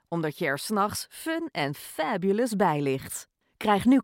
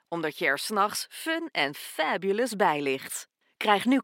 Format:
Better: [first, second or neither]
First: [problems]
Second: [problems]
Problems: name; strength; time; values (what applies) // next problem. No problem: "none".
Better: first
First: none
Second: thin; very slightly; fading below 250 Hz